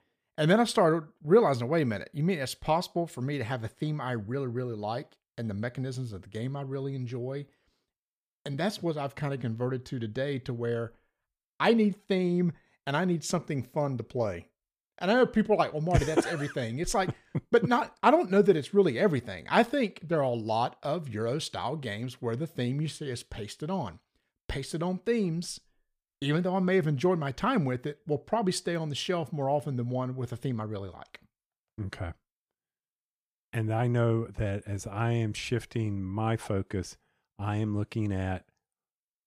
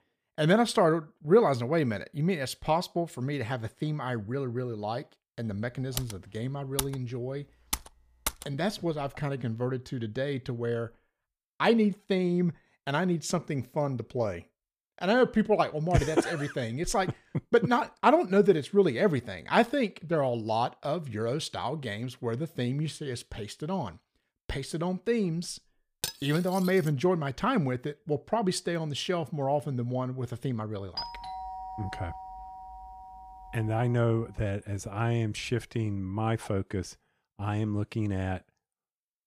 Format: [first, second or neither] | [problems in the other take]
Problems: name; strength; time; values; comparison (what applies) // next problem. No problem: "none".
first | keyboard typing; noticeable; from 6 to 8.5 s; peak 5 dB below the speech // clattering dishes; noticeable; at 26 s; peak 6 dB below the speech // doorbell; noticeable; from 31 to 34 s; peak 7 dB below the speech